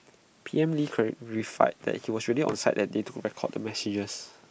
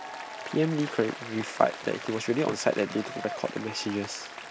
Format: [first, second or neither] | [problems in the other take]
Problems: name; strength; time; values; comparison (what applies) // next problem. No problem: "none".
first | background sound (Applause); 10 dB below the speech